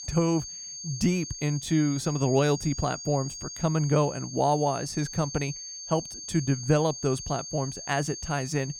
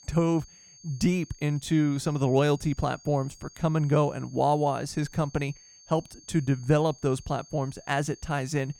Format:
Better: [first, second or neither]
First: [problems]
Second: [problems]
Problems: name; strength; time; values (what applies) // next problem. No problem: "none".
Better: second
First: high-pitched whine; loud; throughout; 6.5 kHz, 9 dB below the speech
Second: high-pitched whine; faint; throughout; 6.5 kHz, 25 dB below the speech